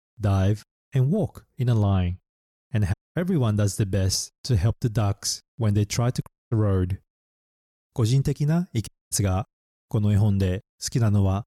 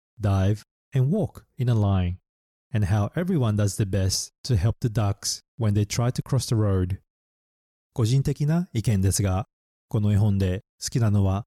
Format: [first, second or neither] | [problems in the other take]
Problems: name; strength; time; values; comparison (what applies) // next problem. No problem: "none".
second | audio cutting out; at 3 s, at 6.5 s and at 9 s